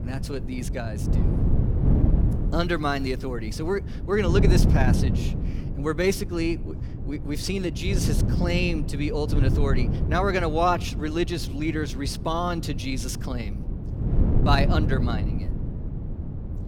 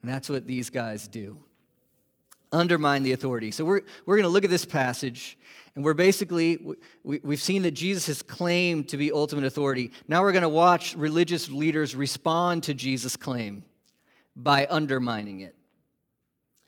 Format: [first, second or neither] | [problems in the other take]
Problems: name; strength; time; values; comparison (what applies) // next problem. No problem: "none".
second | wind noise on the microphone; heavy; 9 dB below the speech